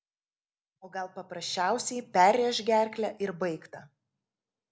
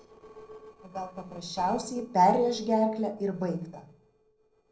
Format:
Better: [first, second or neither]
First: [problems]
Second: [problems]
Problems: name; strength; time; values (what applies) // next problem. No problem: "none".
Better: first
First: none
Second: noise reduction (neural separator model SepFormer DNS4)